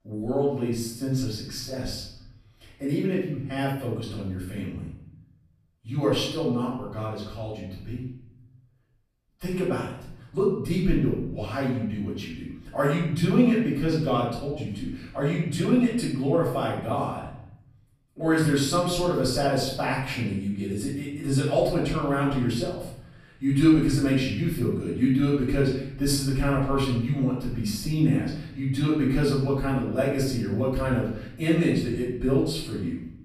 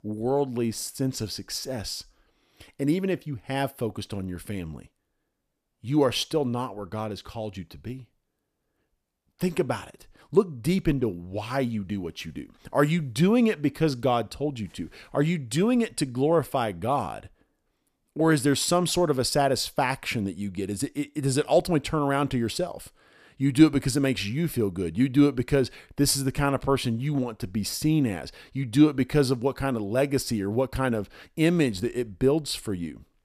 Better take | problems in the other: second | room echo; noticeable; dies away in 0.8 s // off-mic speech; far

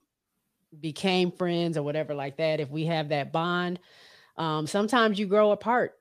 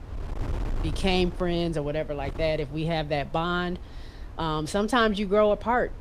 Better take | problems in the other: first | wind noise on the microphone; occasional gusts; 20 dB below the speech

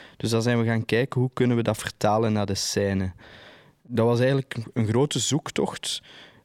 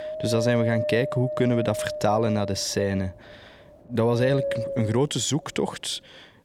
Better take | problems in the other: first | wind noise on the microphone; heavy; 3 dB below the speech

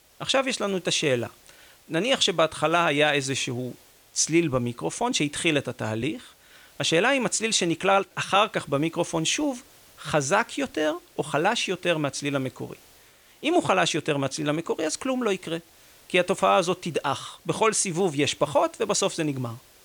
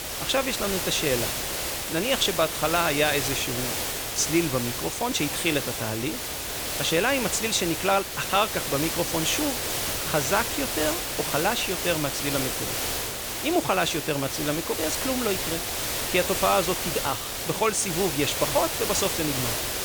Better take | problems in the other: first | hiss; loud; throughout; 1 dB below the speech; faint in the first

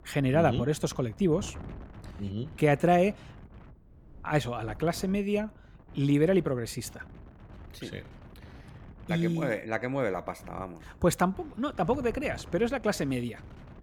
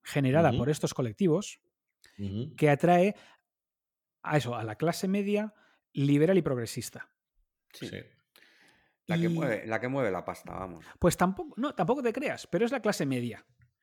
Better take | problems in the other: second | wind noise on the microphone; occasional gusts; 25 dB below the speech

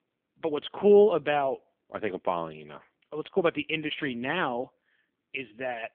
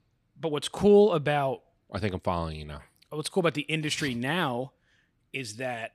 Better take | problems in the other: second | phone-call audio; poor line; nothing above 3.5 kHz

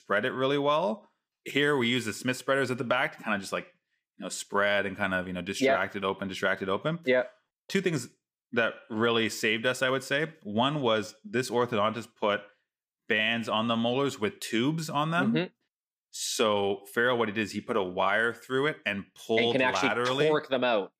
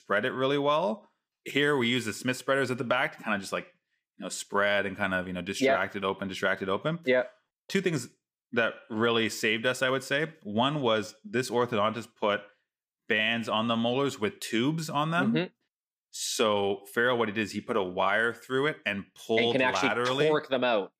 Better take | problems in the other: neither | none

